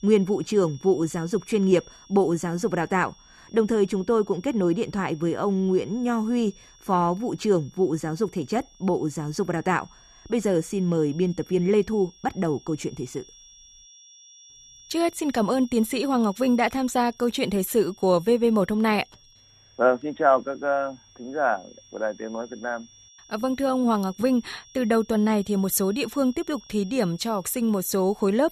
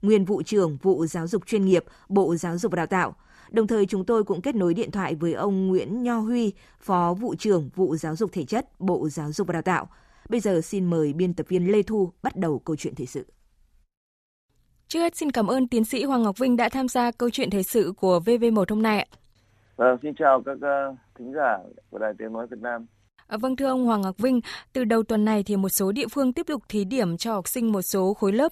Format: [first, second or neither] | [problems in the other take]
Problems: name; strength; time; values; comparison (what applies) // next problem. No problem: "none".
second | high-pitched whine; faint; throughout; 5.5 kHz, 25 dB below the speech